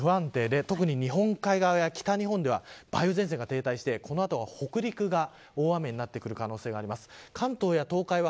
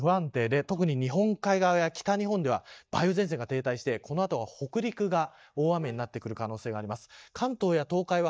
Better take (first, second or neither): first